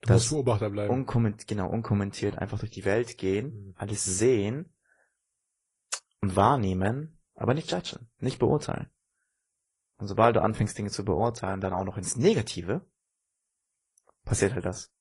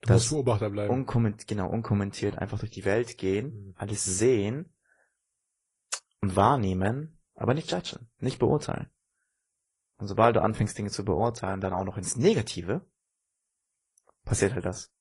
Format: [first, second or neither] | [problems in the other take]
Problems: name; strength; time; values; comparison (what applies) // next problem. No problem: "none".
neither | garbled, watery; slightly; nothing above 10 kHz; the same in both